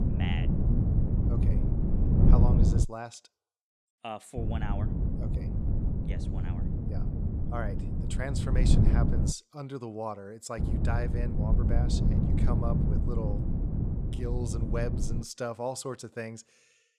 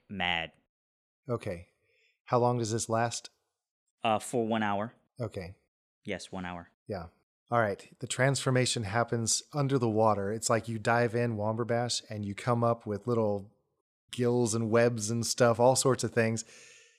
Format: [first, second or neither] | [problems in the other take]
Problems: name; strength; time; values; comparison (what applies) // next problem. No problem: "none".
second | wind noise on the microphone; heavy; until 3 s, from 4.5 to 9.5 s and from 11 to 15 s; 1 dB below the speech